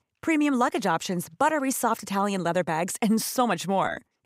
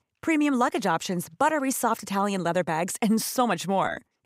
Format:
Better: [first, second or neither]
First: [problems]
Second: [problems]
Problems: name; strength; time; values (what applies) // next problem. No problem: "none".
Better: neither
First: none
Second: none